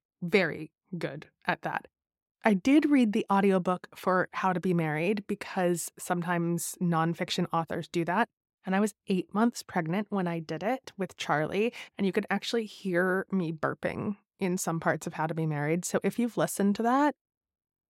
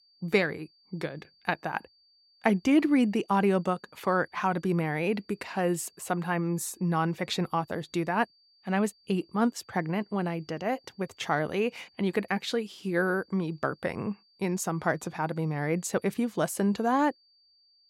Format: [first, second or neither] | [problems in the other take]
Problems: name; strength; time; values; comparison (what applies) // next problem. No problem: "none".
first | high-pitched whine; faint; throughout; 4.5 kHz, 30 dB below the speech